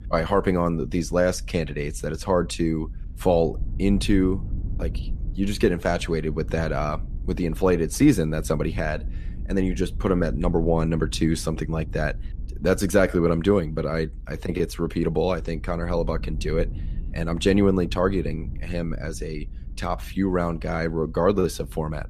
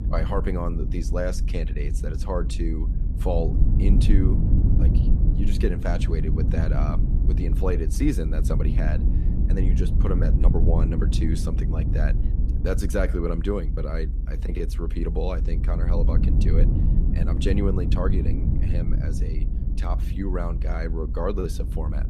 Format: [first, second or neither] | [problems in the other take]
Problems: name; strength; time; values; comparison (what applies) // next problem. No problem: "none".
first | low rumble; loud; throughout; 6 dB below the speech; faint in the first